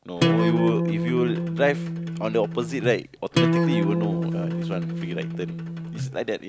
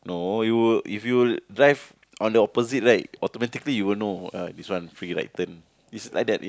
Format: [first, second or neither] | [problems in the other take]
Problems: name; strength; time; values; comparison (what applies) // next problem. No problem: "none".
second | background sound (Acoustic guitar); 3 dB above the speech